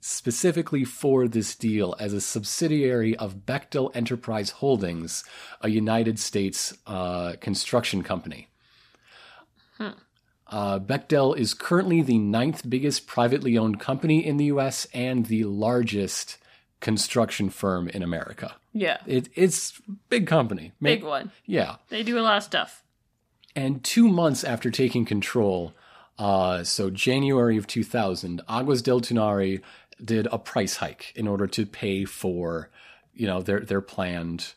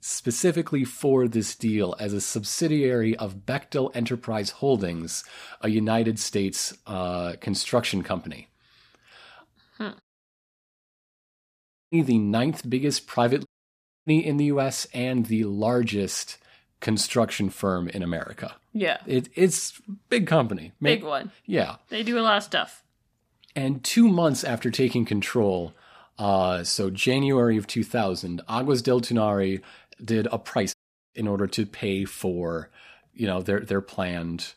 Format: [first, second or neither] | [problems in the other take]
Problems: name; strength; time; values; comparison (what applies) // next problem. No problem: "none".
first | audio cutting out; at 10 s for 2 s, at 13 s for 0.5 s and at 31 s